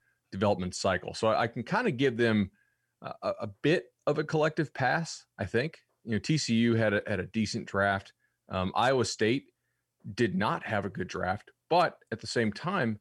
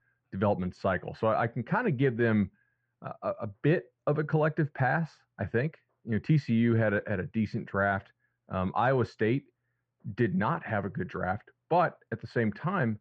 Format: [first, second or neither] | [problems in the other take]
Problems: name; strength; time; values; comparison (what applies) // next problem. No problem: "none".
first | muffled; very; fading above 1.5 kHz